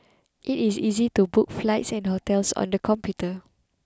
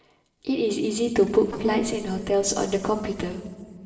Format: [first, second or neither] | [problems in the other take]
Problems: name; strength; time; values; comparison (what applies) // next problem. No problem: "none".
first | noise reduction (neural separator model SepFormer DNS4)